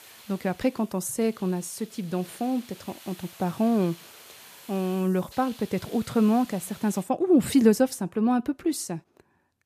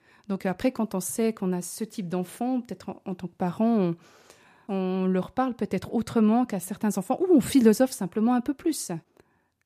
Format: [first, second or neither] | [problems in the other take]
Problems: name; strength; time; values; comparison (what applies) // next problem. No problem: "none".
second | hiss; faint; until 7 s; 20 dB below the speech